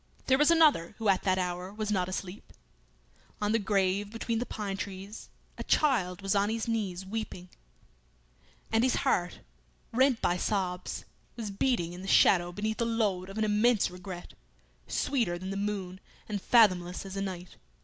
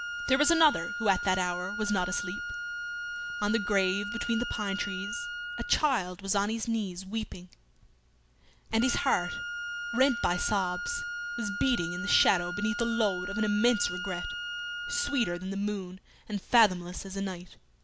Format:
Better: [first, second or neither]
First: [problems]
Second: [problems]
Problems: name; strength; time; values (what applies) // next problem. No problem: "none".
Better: first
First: none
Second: background sound (Wind instrument, woodwind instrument); 7 dB below the speech